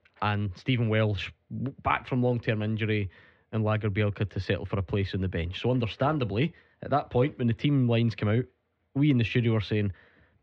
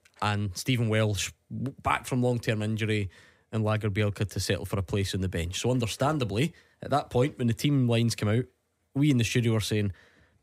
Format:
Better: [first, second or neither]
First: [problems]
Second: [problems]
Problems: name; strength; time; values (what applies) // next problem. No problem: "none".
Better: second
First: muffled; slightly; fading above 3.5 kHz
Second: none